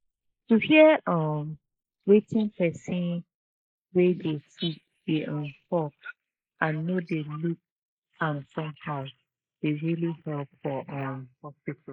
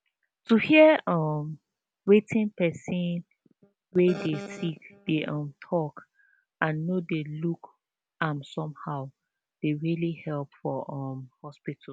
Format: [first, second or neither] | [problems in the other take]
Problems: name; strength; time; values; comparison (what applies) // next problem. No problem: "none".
second | noise reduction (neural mask model Resemble Enhance denoiser)